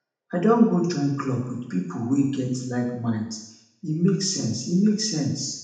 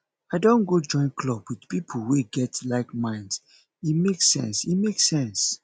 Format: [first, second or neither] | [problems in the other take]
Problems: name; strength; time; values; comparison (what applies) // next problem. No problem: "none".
second | room echo; dies away in 0.8 s